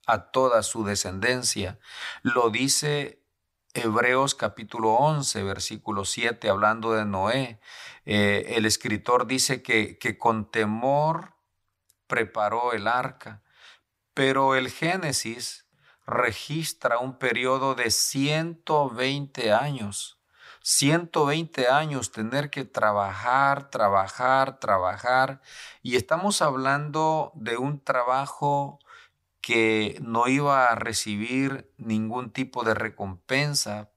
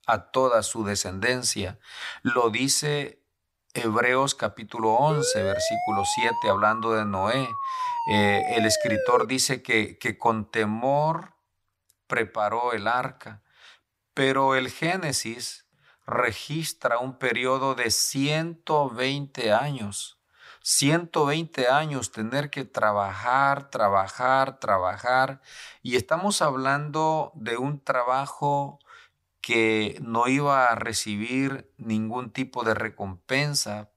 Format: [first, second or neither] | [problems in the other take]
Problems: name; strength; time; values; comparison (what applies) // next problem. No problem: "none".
first | siren; noticeable; from 5 to 9.5 s; peak 2 dB below the speech